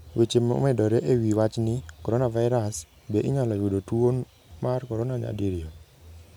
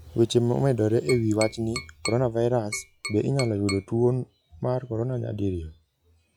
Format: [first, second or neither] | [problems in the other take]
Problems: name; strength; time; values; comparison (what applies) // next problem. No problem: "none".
first | noise reduction (classical method log-MMSE)